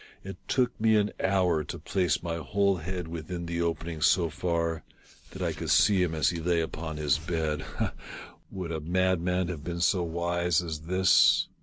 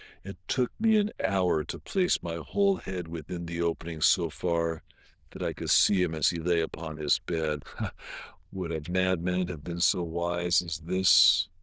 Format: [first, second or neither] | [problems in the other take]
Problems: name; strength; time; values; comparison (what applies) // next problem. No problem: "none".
first | noise reduction (neural diffusion model UNIVERSE++)